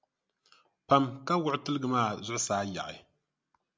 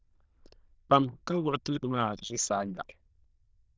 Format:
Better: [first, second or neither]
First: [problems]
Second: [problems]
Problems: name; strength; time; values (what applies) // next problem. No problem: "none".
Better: first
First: none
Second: noise reduction (neural diffusion model UNIVERSE++)